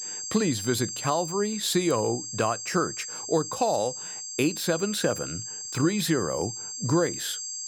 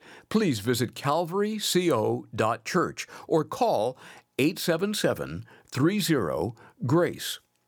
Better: second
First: high-pitched whine; loud; throughout; 7.5 kHz, 6 dB below the speech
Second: none

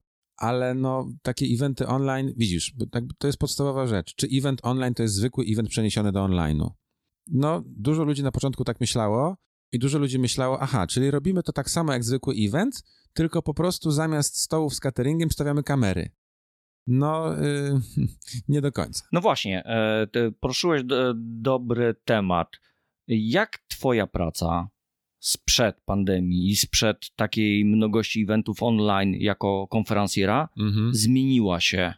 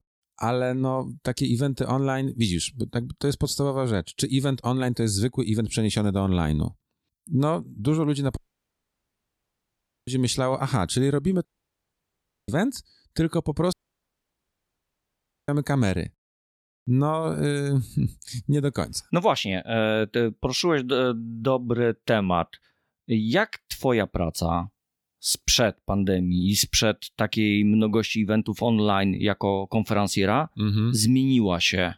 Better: first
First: none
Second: audio cutting out; at 8.5 s for 1.5 s, at 11 s for 1 s and at 14 s for 2 s

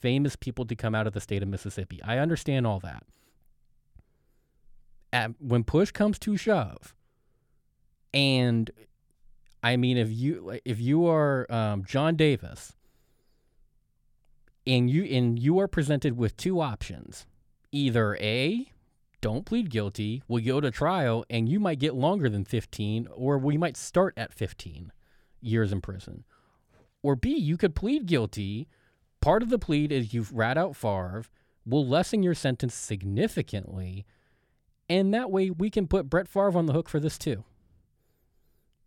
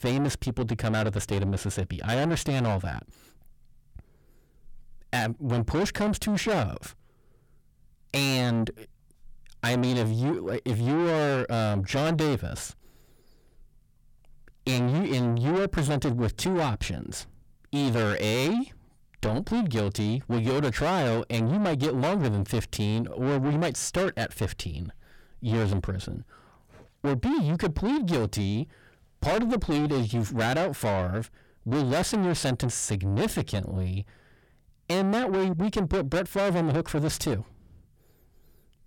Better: first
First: none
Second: distortion; heavy; 6 dB below the speech

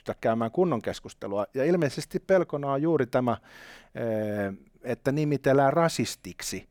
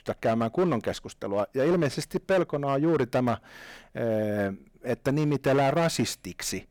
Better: first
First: none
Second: distortion; slight; 8% of the sound clipped

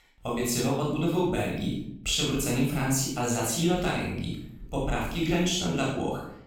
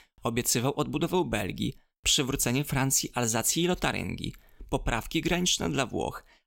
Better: second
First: off-mic speech; far // room echo; noticeable; dies away in 0.6 s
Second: none

